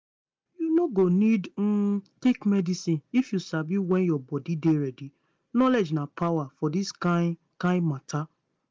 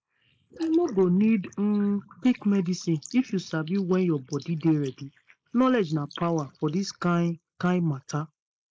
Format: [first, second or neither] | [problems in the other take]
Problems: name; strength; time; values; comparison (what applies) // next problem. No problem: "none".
first | noise reduction (neural mask model Resemble Enhance denoiser)